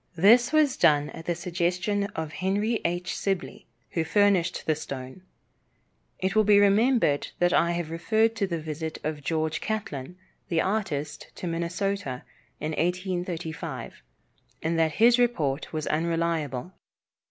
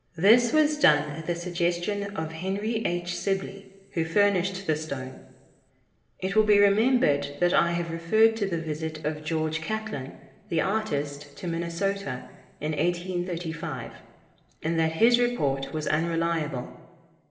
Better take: first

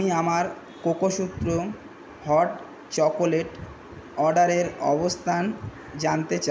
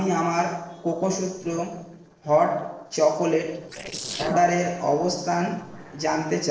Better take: first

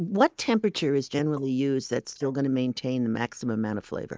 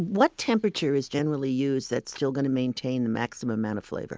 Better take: second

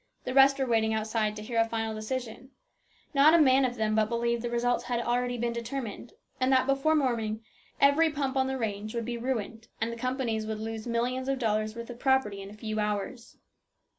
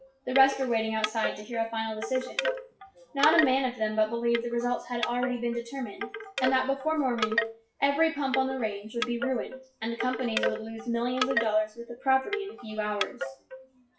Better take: first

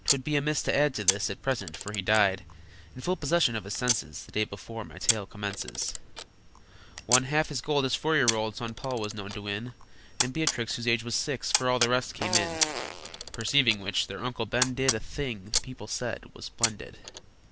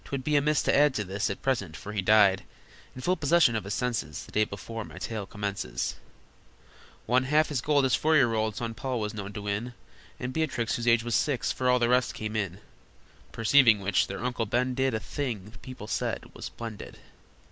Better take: second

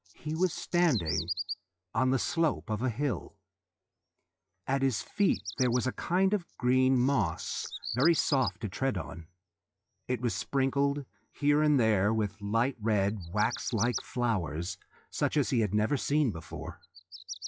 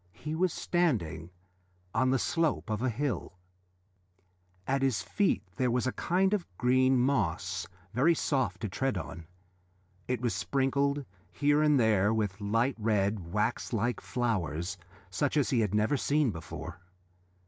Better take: second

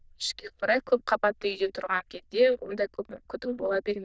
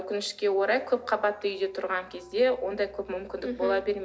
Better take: second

